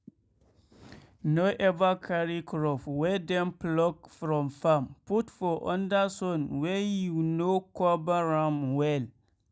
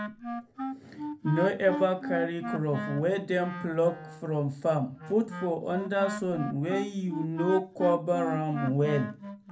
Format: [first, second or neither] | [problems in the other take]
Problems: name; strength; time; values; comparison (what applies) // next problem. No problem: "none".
first | background sound (Wind instrument, woodwind instrument); 8 dB below the speech // room echo; dies away in 0.3 s